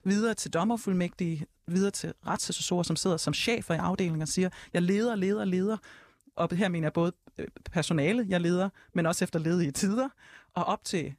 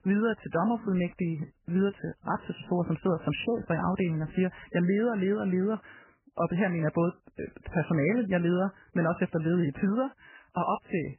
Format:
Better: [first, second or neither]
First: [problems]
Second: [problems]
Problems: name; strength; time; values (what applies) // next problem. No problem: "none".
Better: first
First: none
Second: garbled, watery; badly; nothing above 3 kHz